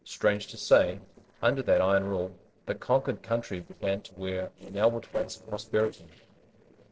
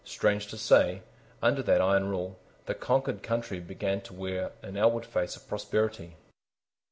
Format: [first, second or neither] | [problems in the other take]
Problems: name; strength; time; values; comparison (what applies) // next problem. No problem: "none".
second | noise reduction (neural separator model SepFormer DNS4)